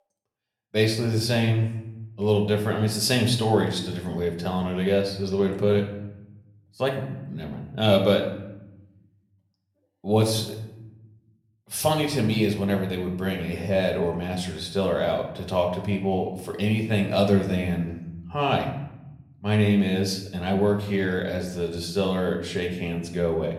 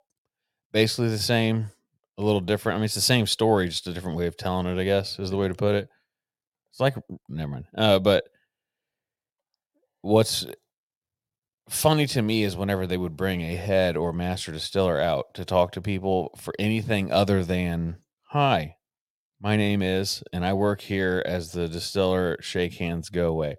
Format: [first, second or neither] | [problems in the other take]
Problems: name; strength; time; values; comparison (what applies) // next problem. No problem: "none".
second | room echo; slight; dies away in 0.8 s // off-mic speech; somewhat distant